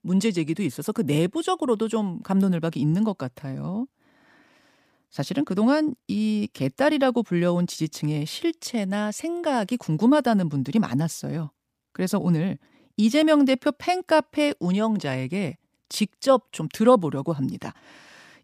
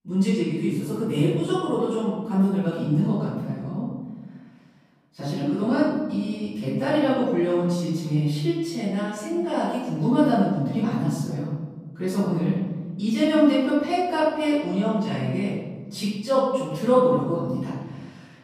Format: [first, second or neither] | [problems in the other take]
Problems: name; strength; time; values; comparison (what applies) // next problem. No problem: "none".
first | off-mic speech; far // room echo; strong; dies away in 1.4 s